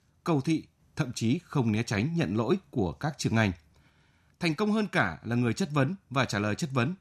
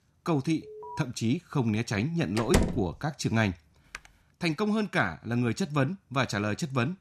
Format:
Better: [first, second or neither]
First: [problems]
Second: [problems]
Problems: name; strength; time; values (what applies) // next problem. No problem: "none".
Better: first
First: none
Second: alarm; faint; at 0.5 s; peak 15 dB below the speech // door banging; loud; at 2.5 s; peak 2 dB above the speech // keyboard typing; faint; at 4 s; peak 15 dB below the speech